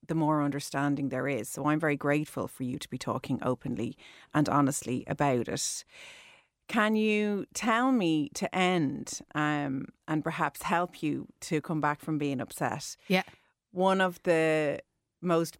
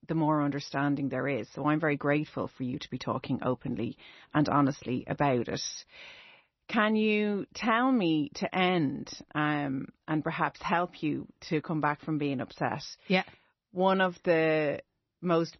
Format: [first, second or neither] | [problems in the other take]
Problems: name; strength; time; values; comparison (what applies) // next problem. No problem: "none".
first | garbled, watery; slightly; nothing above 6 kHz